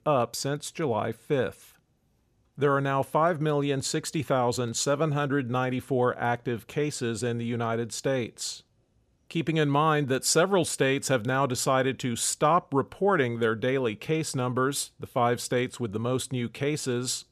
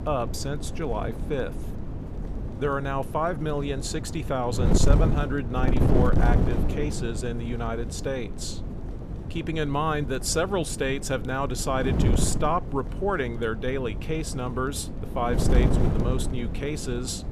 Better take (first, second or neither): first